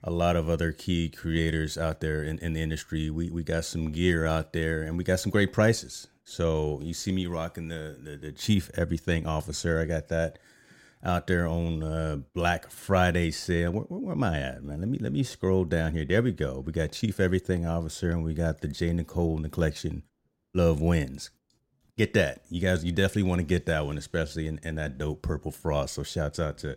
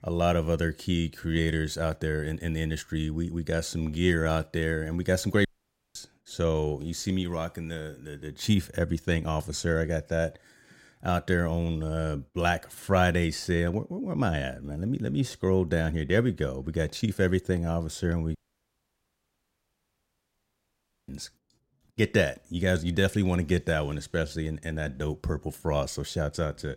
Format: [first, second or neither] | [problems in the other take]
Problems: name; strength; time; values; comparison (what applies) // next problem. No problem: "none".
first | audio cutting out; at 5.5 s for 0.5 s and at 18 s for 2.5 s